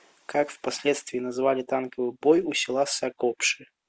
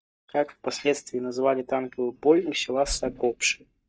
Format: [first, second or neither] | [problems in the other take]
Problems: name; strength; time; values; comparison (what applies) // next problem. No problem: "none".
first | noise reduction (neural mask model DeepFilterNet 3)